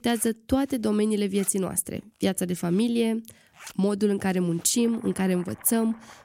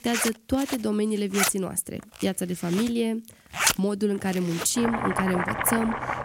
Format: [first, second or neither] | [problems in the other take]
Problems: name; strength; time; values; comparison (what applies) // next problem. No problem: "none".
first | household noises; loud; throughout; 2 dB below the speech; faint in the first